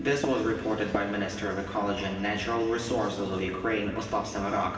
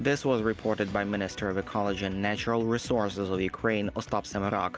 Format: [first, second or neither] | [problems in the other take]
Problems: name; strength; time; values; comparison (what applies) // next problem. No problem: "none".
second | background sound (Tap); 8 dB below the speech // room echo; dies away in 2.4 s